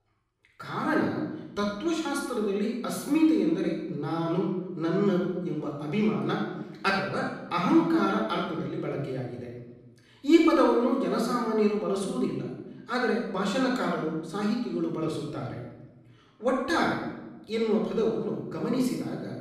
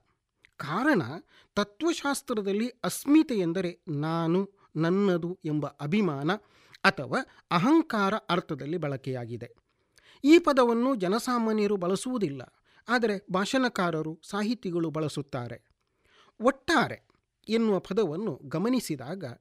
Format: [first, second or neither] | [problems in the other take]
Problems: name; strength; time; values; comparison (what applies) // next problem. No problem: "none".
second | room echo; noticeable; dies away in 0.9 s // off-mic speech; far